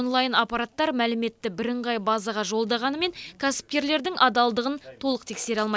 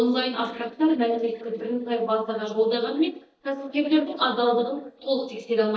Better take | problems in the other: first | noise reduction (neural mask model DeepFilterNet 3)

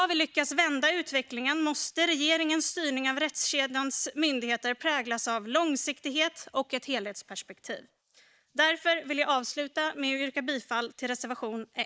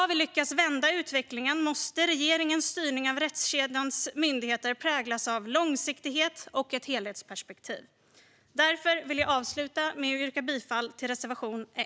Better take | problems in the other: second | noise reduction (neural mask model Resemble Enhance denoiser)

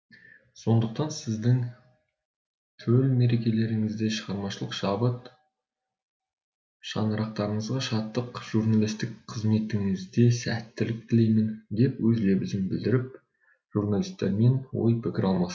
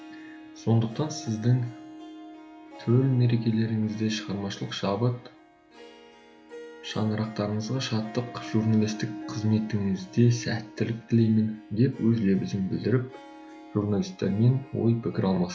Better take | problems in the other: first | background sound (Harp); 18 dB below the speech

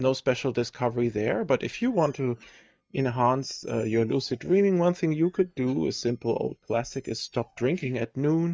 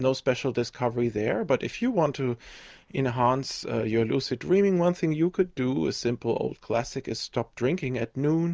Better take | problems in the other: second | noise reduction (neural mask model DeepFilterNet 3)

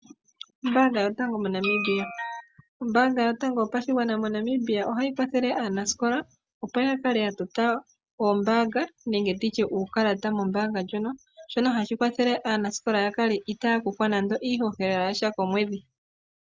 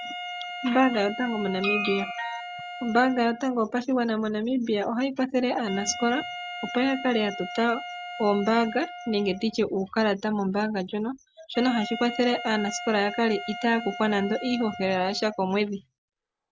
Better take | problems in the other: first | background sound (Wind instrument, woodwind instrument); 12 dB below the speech

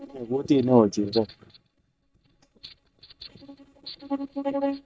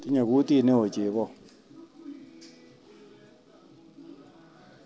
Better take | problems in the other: second | noise reduction (neural mask model DeepFilterNet 3)

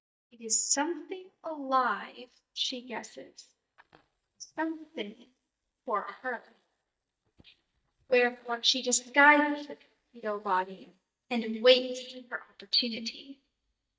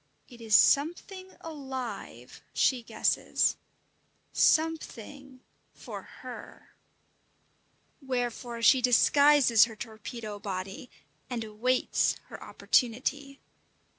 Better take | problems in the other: second | noise reduction (neural mask model DeepFilterNet 3)

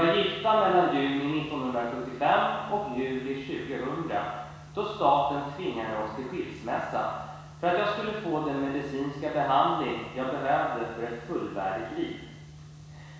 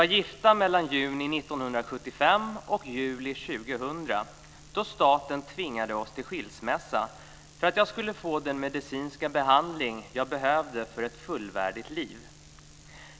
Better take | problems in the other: second | room echo; dies away in 1.1 s

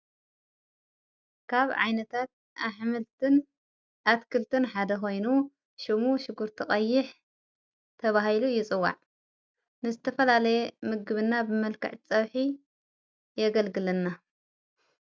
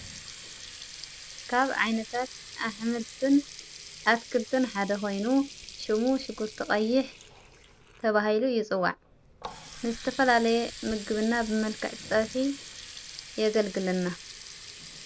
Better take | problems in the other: first | background sound (Water tap, faucet); 15 dB below the speech

